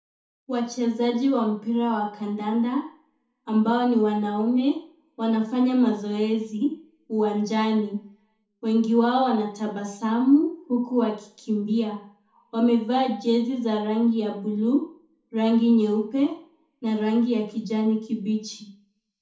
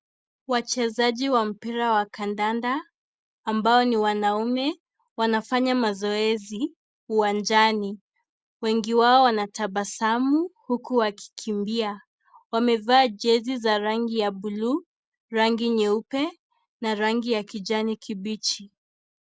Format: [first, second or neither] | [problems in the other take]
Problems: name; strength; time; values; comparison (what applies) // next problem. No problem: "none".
second | room echo; dies away in 0.6 s